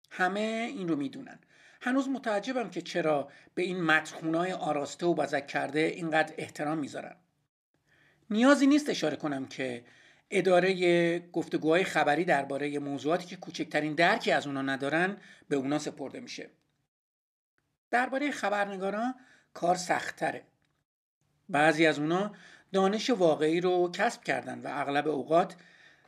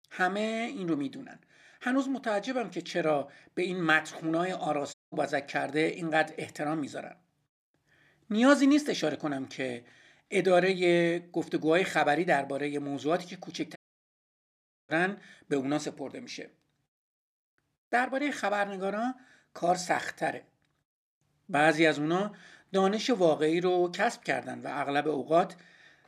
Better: first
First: none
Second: audio cutting out; at 5 s and at 14 s for 1 s

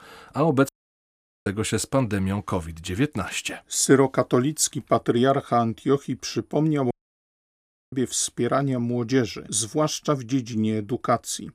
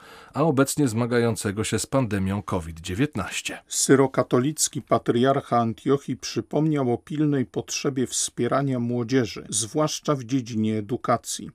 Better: second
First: audio cutting out; at 0.5 s for 1 s and at 7 s for 1 s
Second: none

